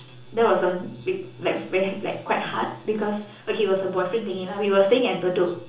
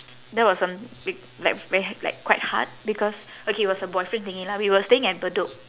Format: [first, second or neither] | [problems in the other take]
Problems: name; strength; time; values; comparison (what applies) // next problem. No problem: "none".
second | room echo; dies away in 0.7 s